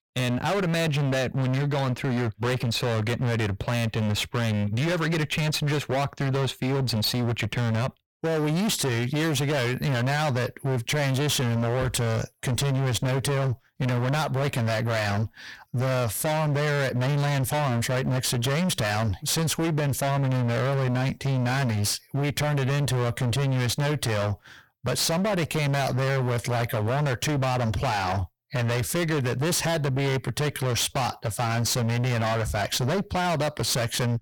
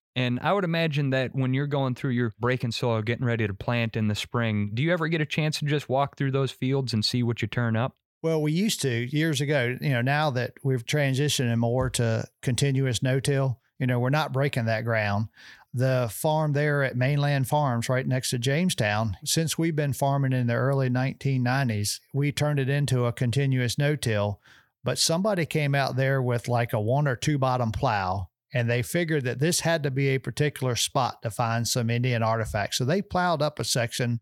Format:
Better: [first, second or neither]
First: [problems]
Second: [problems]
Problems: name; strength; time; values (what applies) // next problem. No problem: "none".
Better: second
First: distortion; heavy; 46% of the sound clipped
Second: none